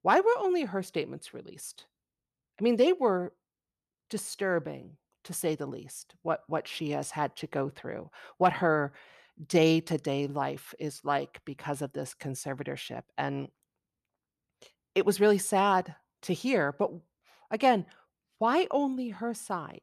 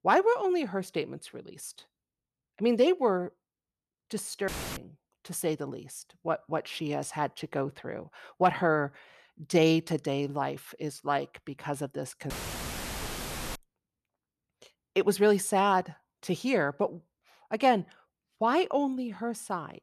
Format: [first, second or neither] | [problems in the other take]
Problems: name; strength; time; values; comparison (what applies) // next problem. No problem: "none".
first | audio cutting out; filled with static; at 4.5 s and at 12 s for 1.5 s